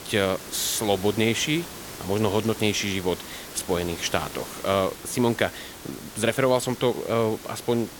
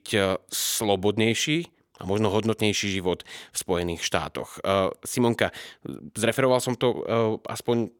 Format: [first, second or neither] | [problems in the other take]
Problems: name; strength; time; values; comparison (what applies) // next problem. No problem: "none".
second | hiss; noticeable; throughout; 15 dB below the speech